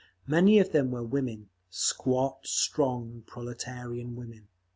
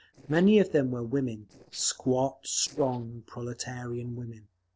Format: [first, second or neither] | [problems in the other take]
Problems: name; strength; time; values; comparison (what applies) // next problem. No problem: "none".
first | noise reduction (neural separator model SepFormer DNS4)